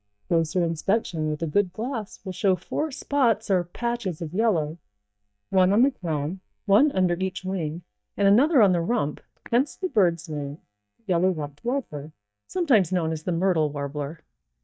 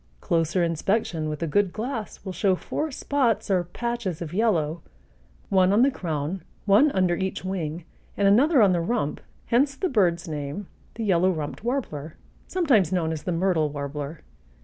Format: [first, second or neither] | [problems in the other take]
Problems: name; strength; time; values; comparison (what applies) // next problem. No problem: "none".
second | noise reduction (neural mask model DeepFilterNet 3)